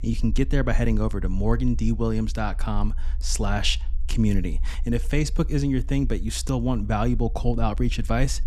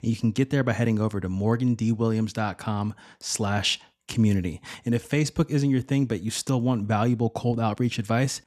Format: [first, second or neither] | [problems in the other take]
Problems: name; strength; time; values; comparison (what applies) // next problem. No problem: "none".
second | low rumble; faint; throughout; 25 dB below the speech